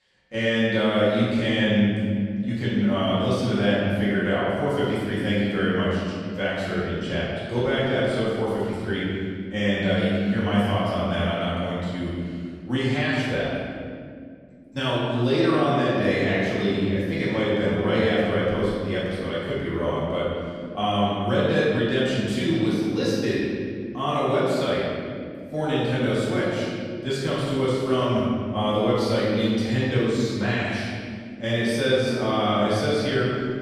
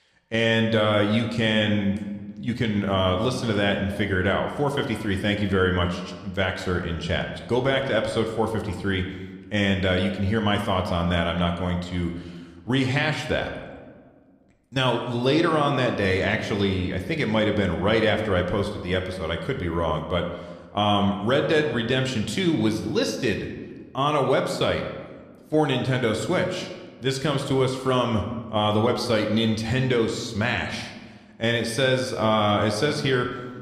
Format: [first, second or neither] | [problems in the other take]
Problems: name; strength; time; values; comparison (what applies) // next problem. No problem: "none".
second | room echo; strong; dies away in 2.2 s; slight in the second // off-mic speech; far